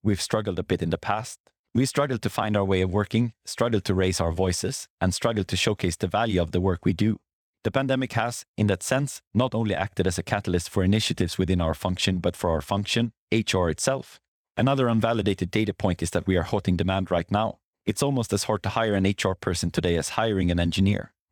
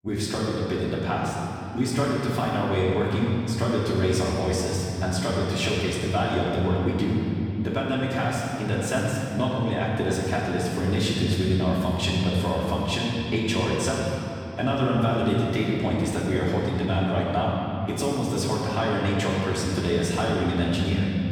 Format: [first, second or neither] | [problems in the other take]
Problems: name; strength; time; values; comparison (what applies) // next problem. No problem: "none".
first | off-mic speech; far // room echo; strong; dies away in 3 s